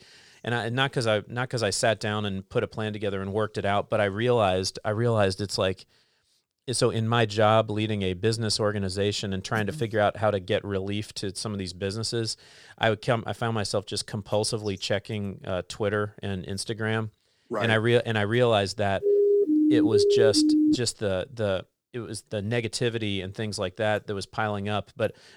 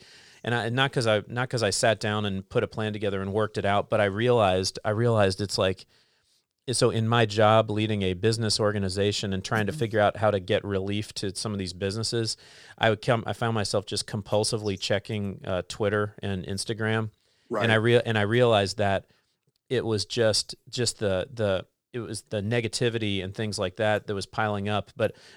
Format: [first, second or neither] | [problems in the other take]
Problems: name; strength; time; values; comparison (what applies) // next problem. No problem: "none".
second | siren; loud; from 19 to 21 s; peak 6 dB above the speech